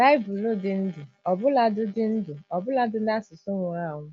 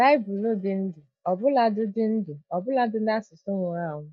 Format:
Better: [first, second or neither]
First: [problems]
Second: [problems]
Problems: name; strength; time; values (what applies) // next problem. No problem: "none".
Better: first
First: none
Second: noise reduction (neural mask model DeepFilterNet 3)